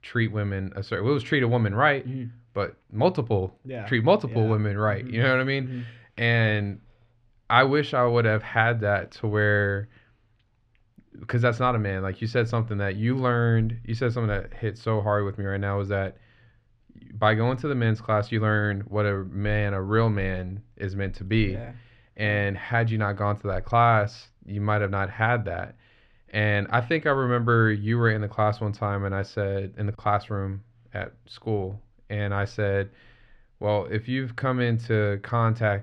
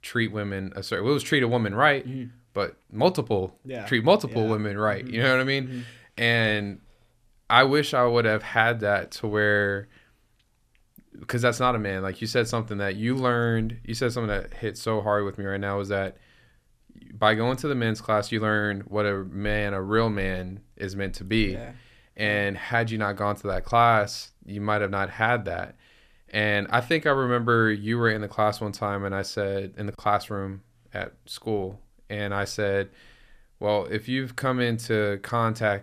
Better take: second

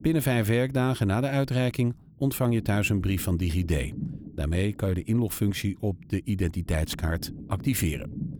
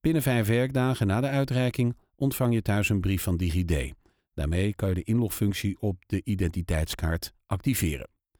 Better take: second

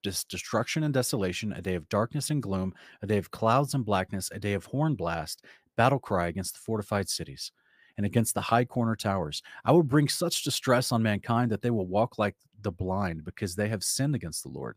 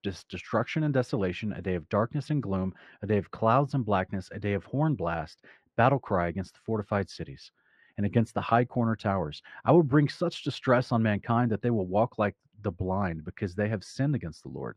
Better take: first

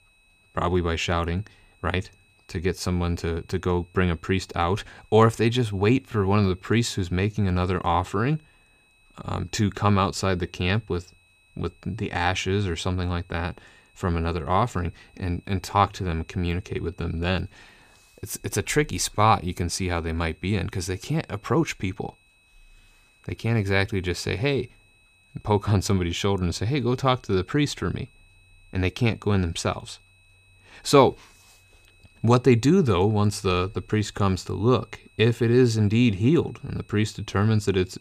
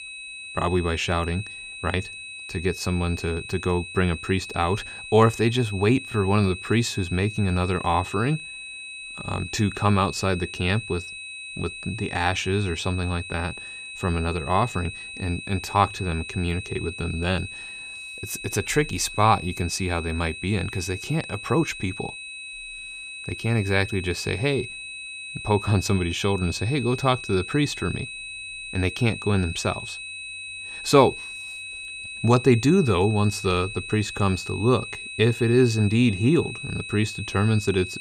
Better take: first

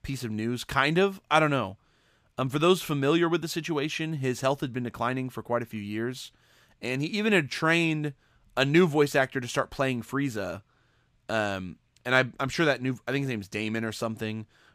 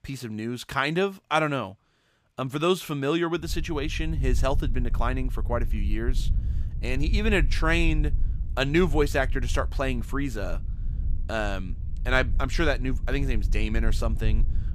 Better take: first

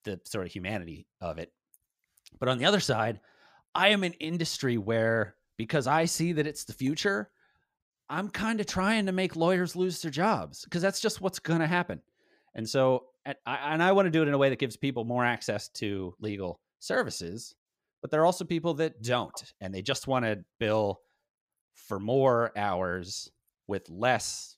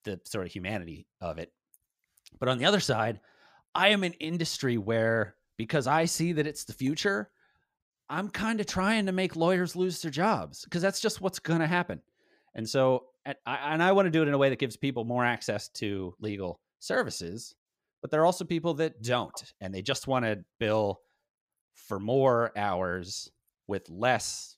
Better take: neither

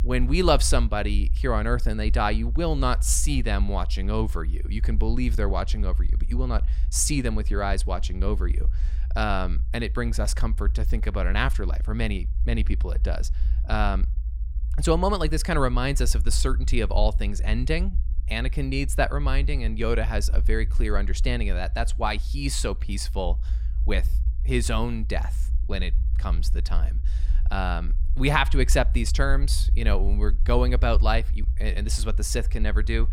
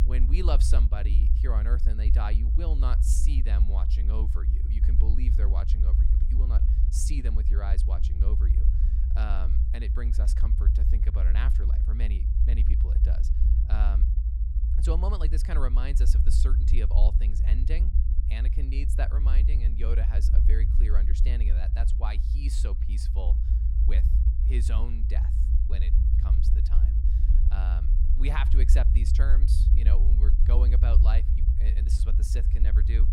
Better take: first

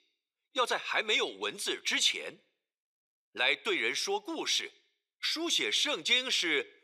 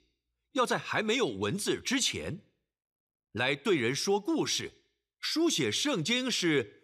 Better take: second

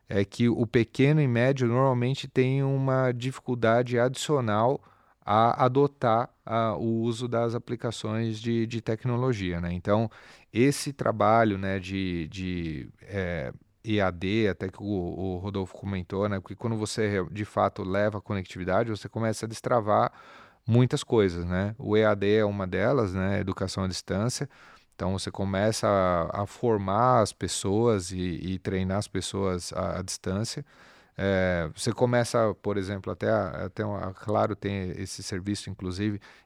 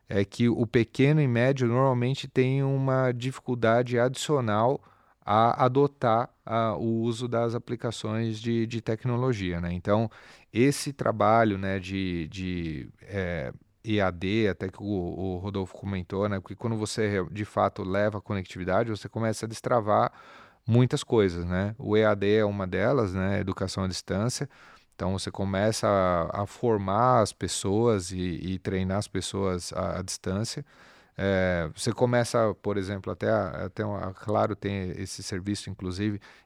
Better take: neither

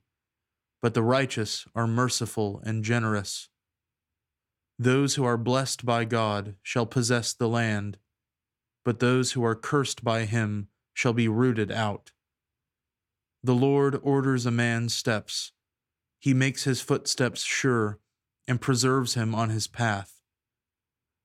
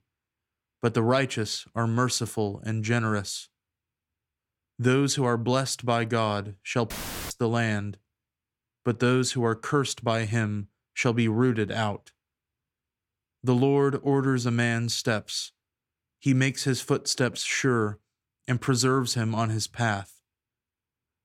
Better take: first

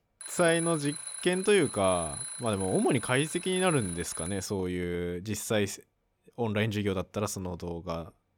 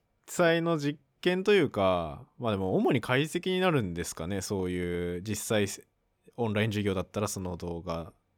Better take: second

